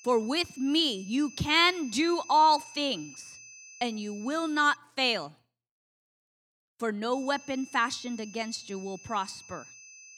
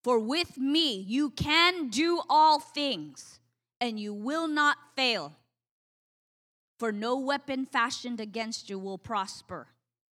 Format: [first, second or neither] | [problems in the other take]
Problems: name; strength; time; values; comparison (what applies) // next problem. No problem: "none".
second | high-pitched whine; noticeable; until 5 s and from 7 s on; 2.5 kHz, 20 dB below the speech